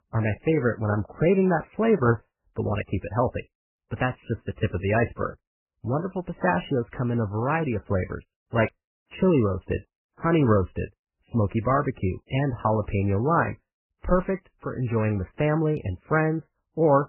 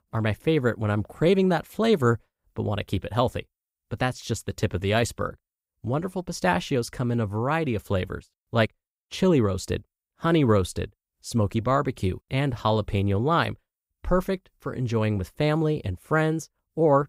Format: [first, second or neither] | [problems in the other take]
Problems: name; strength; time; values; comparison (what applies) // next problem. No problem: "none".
second | garbled, watery; badly; nothing above 3 kHz